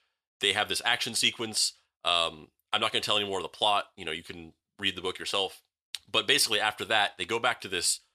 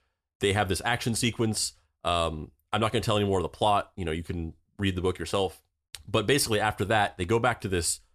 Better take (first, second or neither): second